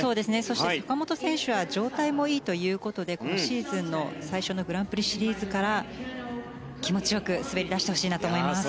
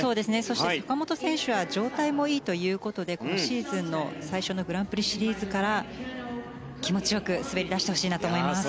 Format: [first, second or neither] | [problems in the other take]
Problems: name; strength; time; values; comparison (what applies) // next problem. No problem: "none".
first | background sound (Piano); 19 dB below the speech